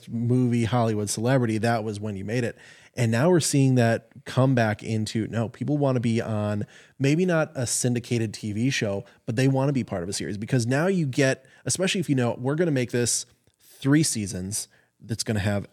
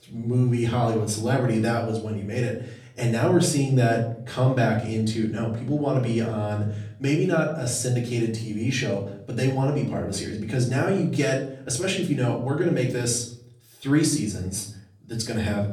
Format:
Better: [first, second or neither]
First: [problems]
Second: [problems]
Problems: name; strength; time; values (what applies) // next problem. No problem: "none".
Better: first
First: none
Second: room echo; slight; dies away in 0.5 s // off-mic speech; far